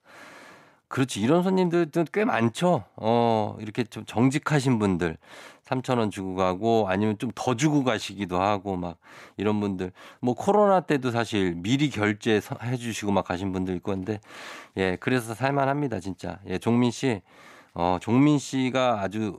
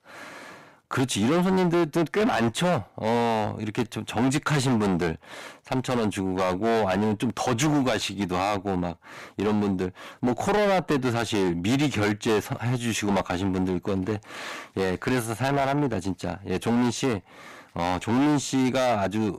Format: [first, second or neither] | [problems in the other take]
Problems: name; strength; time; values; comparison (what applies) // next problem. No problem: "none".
first | distortion; heavy; 14% of the sound clipped